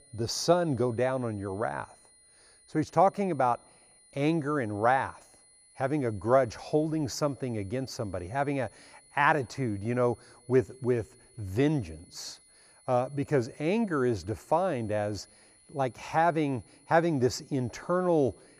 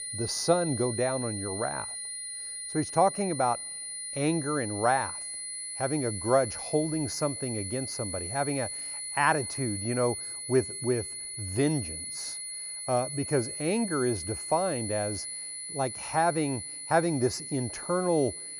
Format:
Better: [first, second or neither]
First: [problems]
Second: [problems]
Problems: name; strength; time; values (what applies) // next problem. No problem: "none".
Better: first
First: high-pitched whine; faint; throughout; 10 kHz, 30 dB below the speech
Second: high-pitched whine; loud; throughout; 10 kHz, 5 dB below the speech